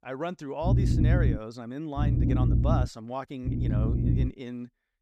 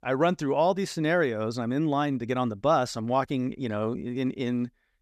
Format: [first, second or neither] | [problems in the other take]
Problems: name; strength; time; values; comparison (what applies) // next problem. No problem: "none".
second | low rumble; loud; at 0.5 s, at 2 s and at 3.5 s; 1 dB below the speech